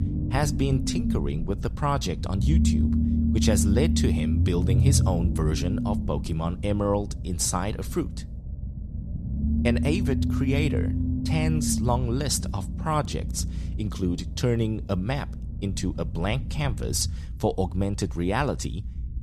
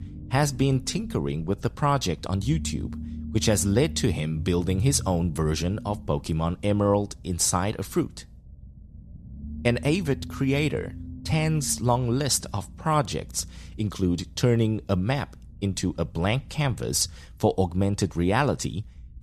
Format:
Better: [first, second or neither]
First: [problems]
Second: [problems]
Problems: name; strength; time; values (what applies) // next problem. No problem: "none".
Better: second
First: low rumble; loud; throughout; 6 dB below the speech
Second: low rumble; faint; throughout; 20 dB below the speech